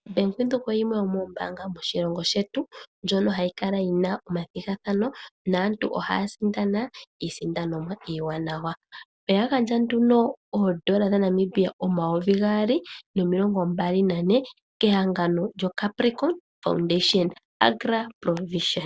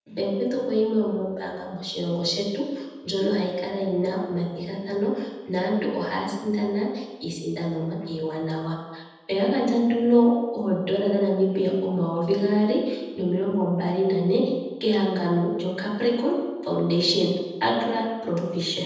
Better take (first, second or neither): first